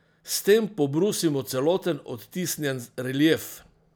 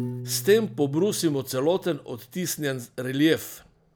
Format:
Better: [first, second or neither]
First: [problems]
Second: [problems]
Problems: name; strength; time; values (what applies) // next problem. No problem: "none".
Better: first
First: none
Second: background sound (Piano); 15 dB below the speech